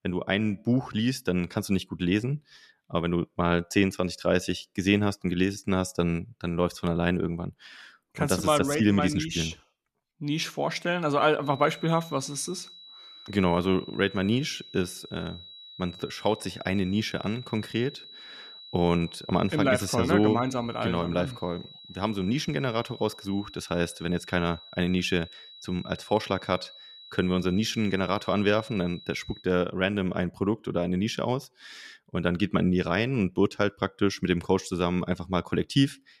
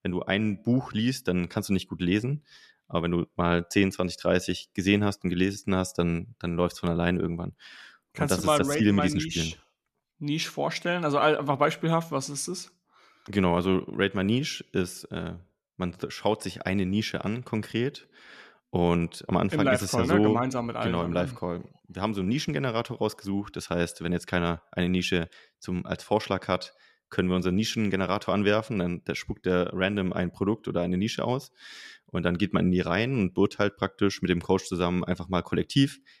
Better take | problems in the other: second | high-pitched whine; noticeable; from 11 to 29 s; 4 kHz, 15 dB below the speech

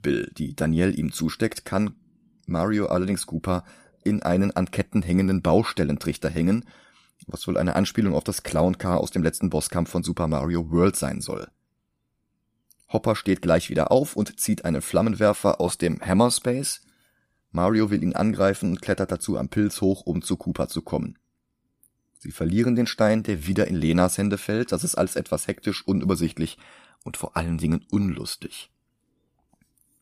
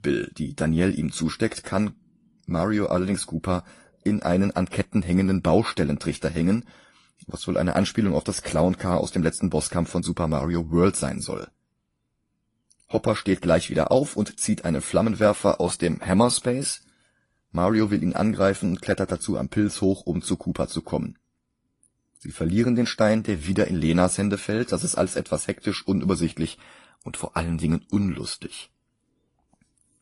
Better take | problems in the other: first | garbled, watery; slightly; nothing above 11 kHz

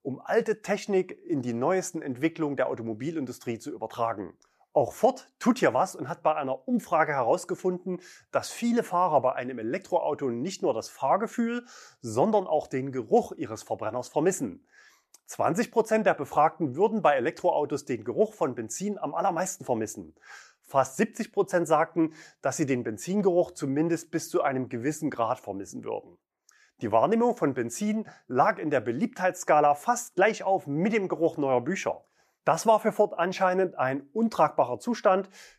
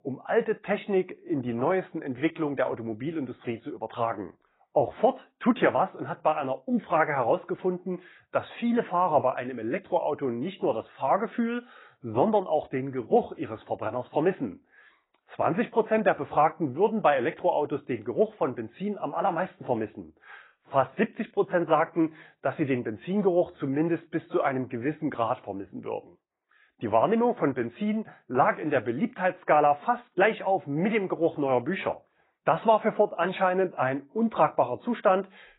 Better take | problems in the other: first | garbled, watery; badly; nothing above 4 kHz

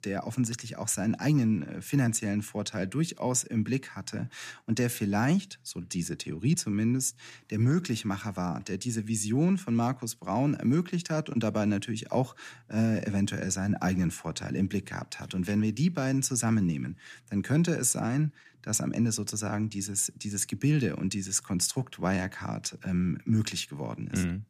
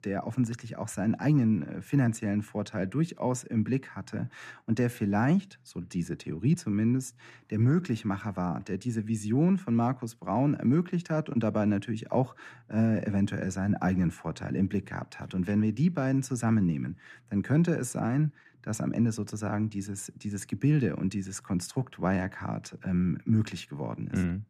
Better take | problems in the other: first | muffled; slightly; fading above 2.5 kHz

